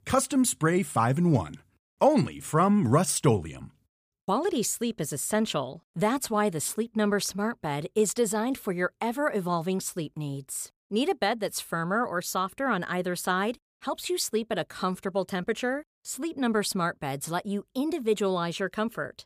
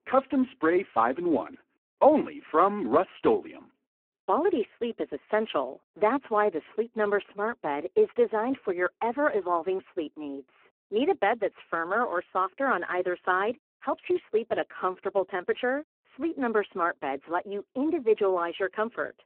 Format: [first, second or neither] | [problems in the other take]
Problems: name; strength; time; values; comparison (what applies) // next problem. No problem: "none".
first | phone-call audio; poor line